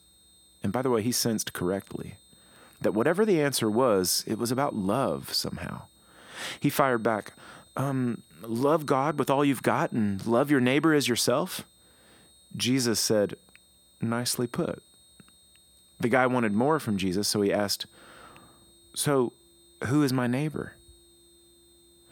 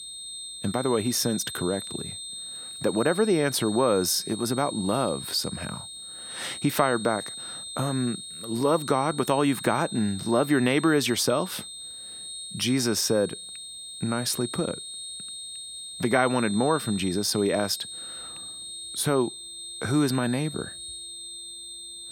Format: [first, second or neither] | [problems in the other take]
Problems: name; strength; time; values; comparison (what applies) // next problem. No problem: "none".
first | high-pitched whine; loud; throughout; 3.5 kHz, 10 dB below the speech; faint in the first